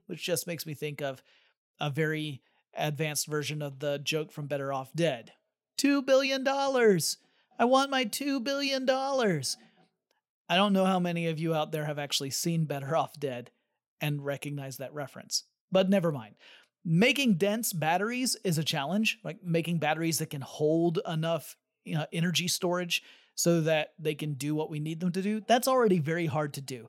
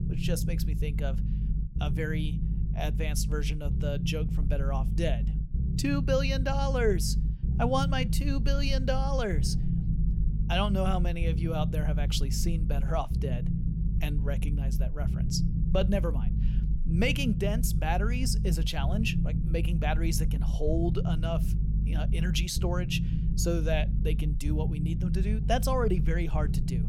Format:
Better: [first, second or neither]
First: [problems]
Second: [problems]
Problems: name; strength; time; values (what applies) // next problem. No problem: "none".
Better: first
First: none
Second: low rumble; loud; throughout; 9 dB below the speech